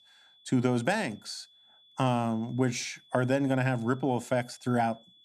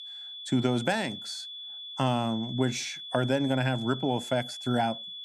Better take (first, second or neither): first